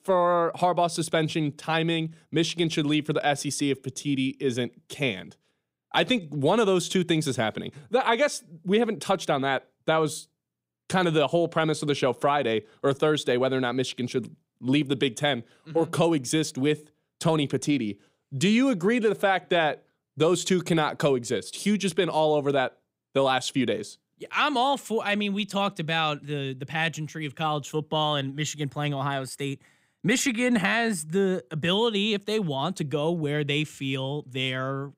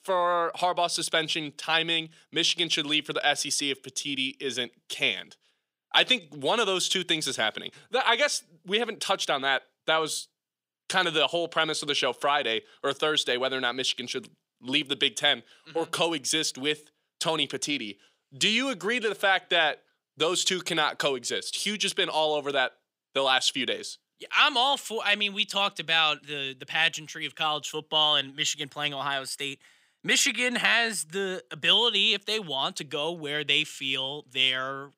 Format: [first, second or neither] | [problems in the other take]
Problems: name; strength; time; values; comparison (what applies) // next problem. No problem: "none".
first | thin; somewhat; fading below 900 Hz